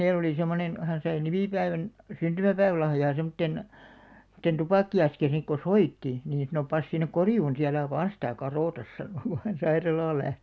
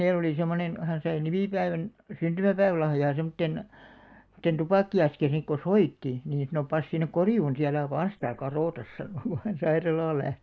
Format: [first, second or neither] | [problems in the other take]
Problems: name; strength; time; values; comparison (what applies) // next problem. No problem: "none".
first | noise reduction (neural mask model Resemble Enhance denoiser)